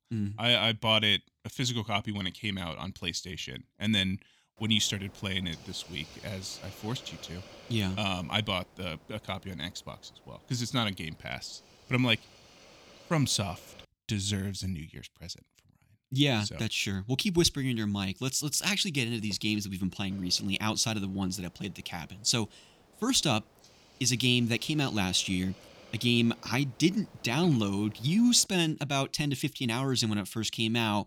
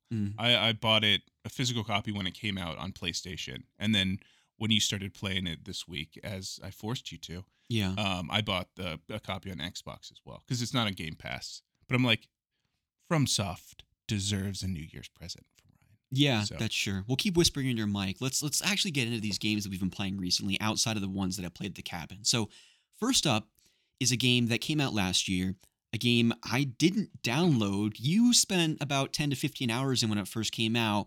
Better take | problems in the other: second | hiss; faint; from 4.5 to 14 s and from 20 to 28 s; 25 dB below the speech

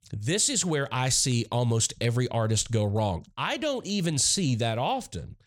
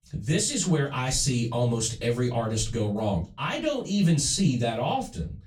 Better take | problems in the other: first | off-mic speech; far // room echo; very slight; dies away in 0.2 s

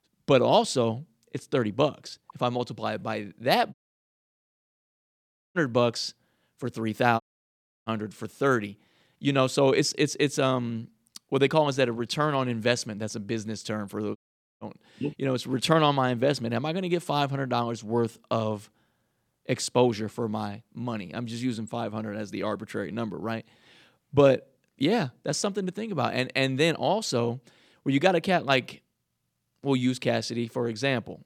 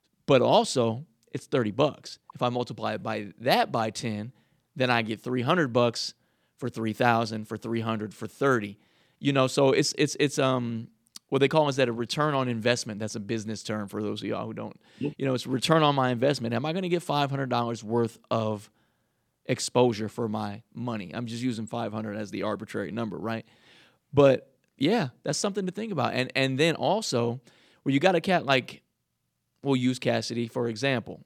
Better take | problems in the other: second | audio cutting out; at 3.5 s for 2 s, at 7 s for 0.5 s and at 14 s

